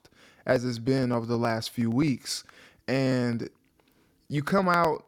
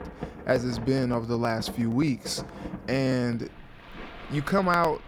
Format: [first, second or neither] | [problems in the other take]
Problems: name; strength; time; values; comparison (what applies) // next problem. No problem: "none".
first | rain or running water; noticeable; throughout; 15 dB below the speech